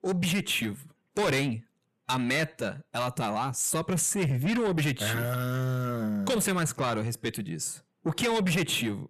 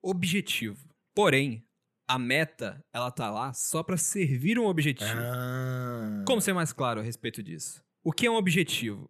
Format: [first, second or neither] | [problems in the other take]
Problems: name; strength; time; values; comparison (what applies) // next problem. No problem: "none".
second | distortion; heavy; 8 dB below the speech